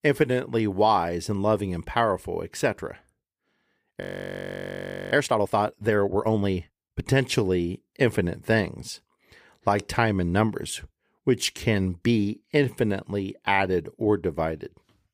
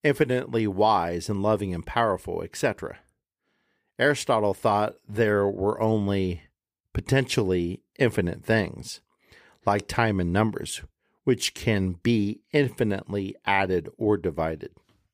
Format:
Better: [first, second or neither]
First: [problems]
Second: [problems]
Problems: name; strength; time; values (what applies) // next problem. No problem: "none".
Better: second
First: audio freezing; at 4 s for 1 s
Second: none